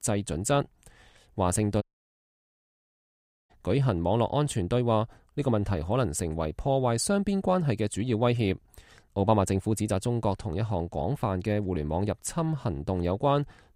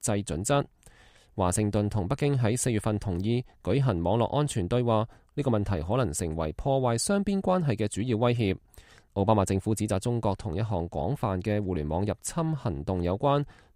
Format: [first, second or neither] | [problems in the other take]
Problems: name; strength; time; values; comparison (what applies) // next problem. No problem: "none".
second | audio cutting out; at 2 s for 1.5 s